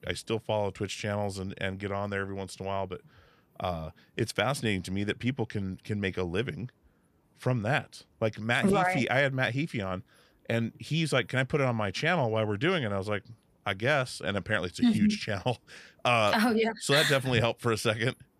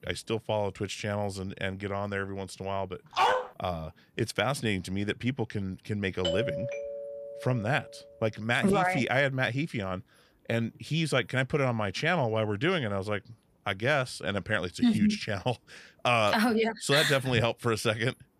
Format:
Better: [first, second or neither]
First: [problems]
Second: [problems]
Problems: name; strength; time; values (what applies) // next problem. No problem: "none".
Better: first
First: none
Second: dog barking; loud; at 3 s; peak 3 dB above the speech // doorbell; noticeable; from 6 to 8 s; peak 2 dB below the speech